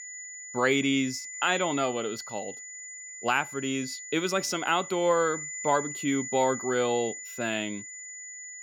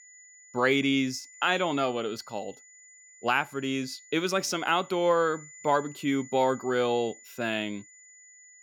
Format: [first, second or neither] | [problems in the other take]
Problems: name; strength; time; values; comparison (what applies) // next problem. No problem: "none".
second | high-pitched whine; loud; throughout; 7 kHz, 9 dB below the speech; faint in the second